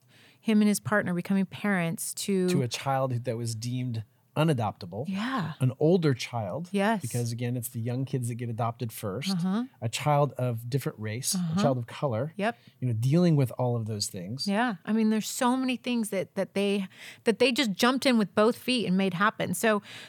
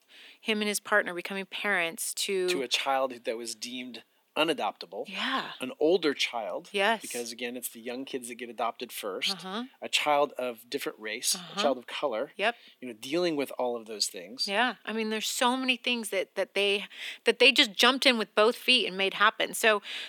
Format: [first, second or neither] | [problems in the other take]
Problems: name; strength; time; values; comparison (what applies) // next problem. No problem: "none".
first | thin; somewhat; fading below 250 Hz